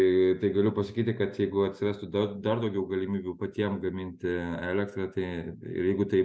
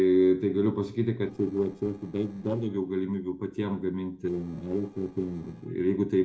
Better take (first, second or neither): first